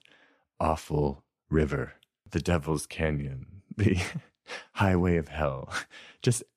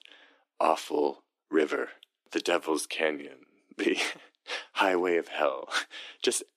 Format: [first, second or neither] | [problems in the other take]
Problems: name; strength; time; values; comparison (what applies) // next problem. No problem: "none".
first | thin; somewhat; fading below 300 Hz